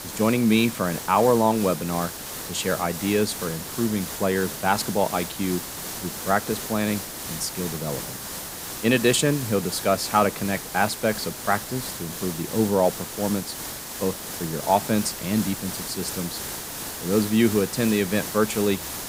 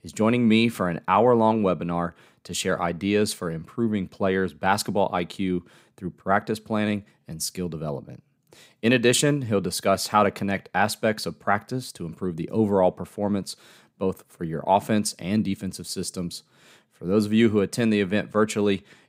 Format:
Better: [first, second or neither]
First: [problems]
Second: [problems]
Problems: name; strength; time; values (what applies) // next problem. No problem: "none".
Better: second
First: hiss; loud; throughout; 7 dB below the speech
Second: none